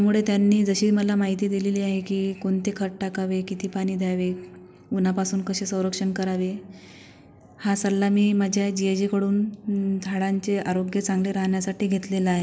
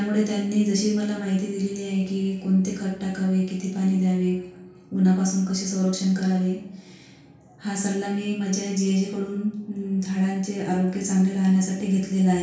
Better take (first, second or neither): first